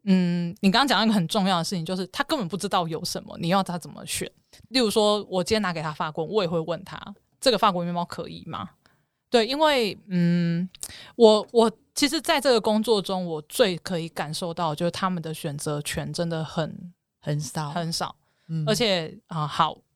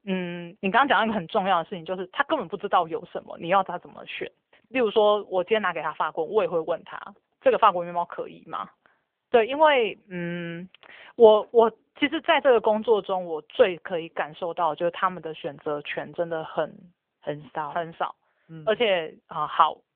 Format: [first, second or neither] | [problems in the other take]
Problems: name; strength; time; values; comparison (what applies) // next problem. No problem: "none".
first | phone-call audio; nothing above 3.5 kHz